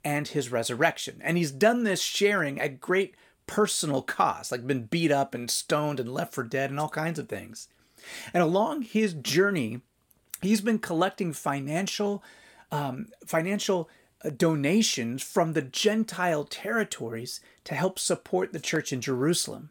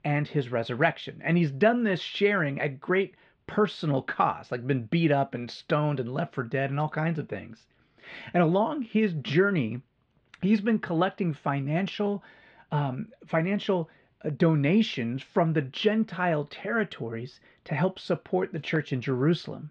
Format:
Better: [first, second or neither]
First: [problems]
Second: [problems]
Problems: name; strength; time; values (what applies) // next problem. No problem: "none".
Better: first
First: none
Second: muffled; very; fading above 3.5 kHz